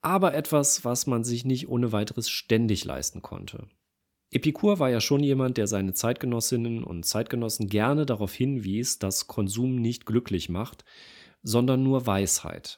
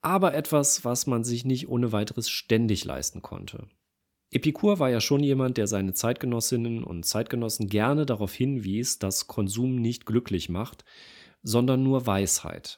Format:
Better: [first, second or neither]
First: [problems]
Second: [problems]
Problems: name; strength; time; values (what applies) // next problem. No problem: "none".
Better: neither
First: none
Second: none